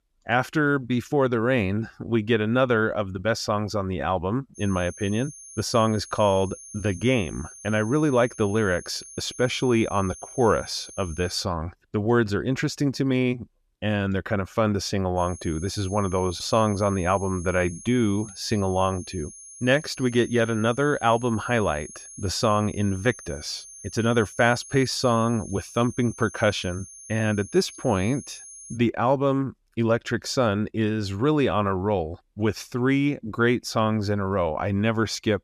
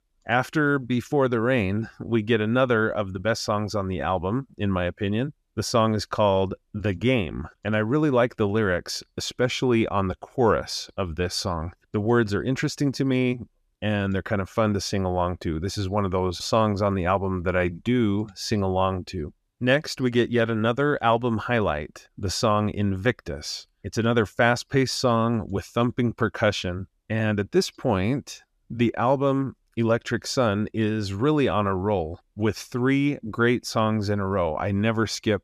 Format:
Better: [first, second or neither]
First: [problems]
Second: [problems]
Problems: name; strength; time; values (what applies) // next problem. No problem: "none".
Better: second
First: high-pitched whine; noticeable; from 4.5 to 11 s and from 15 to 29 s; 6.5 kHz, 15 dB below the speech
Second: none